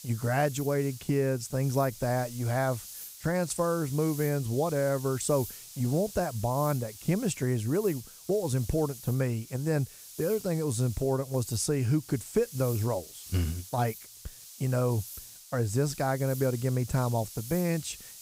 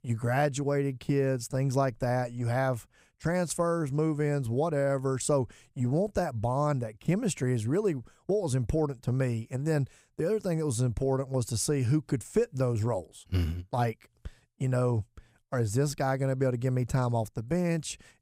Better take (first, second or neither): second